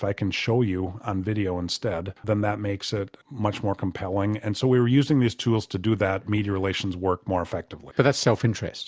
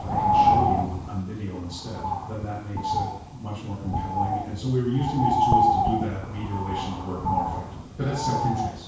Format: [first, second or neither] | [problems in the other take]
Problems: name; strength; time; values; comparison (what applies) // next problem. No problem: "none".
first | background sound (Bird); 4 dB above the speech // room echo; dies away in 0.6 s